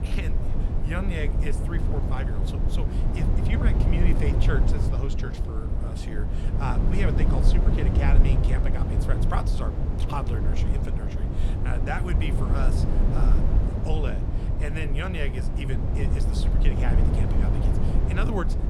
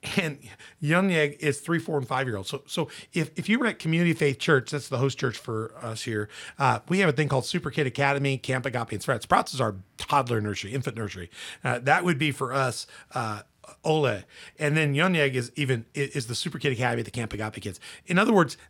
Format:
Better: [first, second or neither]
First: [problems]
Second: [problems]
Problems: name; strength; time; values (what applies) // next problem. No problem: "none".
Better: second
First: low rumble; loud; throughout; 1 dB below the speech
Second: none